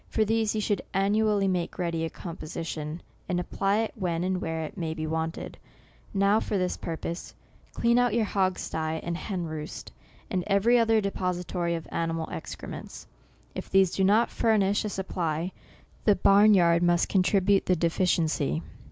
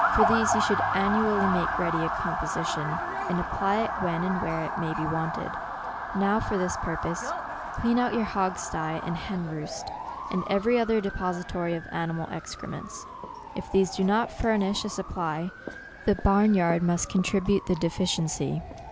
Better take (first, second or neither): first